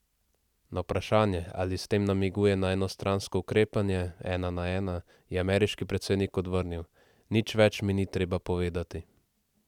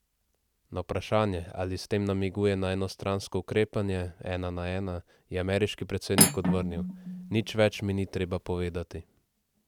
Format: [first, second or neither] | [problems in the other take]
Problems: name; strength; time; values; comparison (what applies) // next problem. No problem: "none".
first | background sound (Cutlery, silverware); as loud as the speech